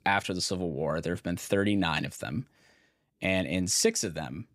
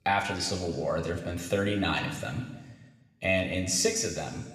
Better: first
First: none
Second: room echo; slight; dies away in 1.2 s

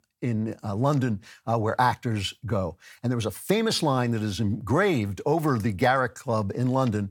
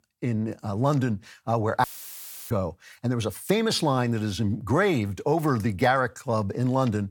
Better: first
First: none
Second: audio cutting out; filled with static; at 2 s for 0.5 s

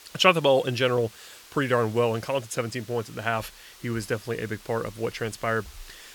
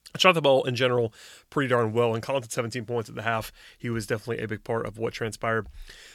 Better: second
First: hiss; faint; throughout; 20 dB below the speech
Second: none

